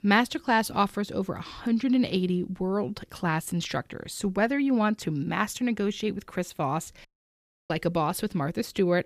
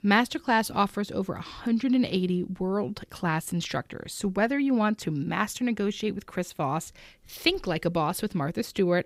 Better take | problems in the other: second | audio cutting out; at 7 s for 0.5 s

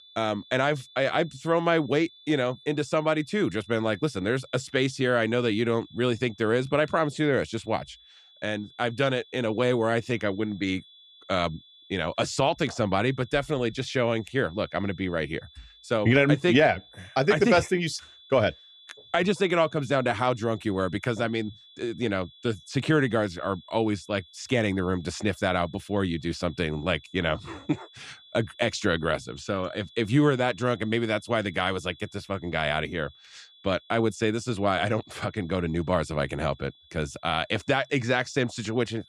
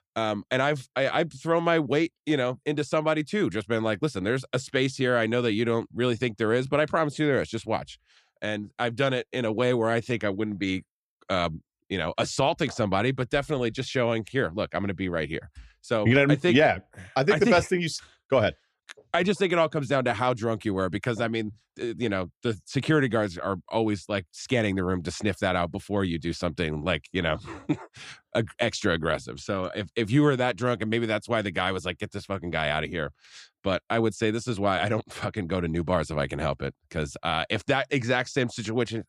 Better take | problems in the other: second | high-pitched whine; faint; throughout; 3.5 kHz, 25 dB below the speech

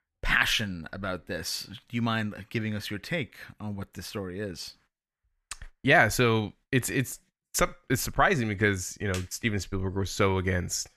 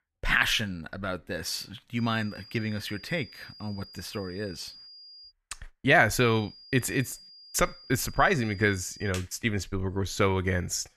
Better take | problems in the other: first | high-pitched whine; noticeable; from 2 to 5.5 s and from 6 to 9 s; 5 kHz, 20 dB below the speech

